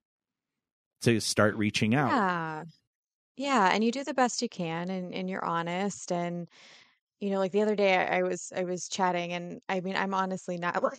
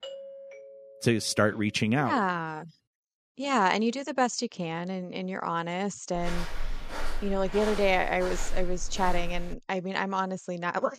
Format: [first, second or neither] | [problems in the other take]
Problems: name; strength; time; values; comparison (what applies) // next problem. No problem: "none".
first | doorbell; faint; until 1.5 s; peak 10 dB below the speech // footsteps; noticeable; from 6 to 9.5 s; peak 7 dB below the speech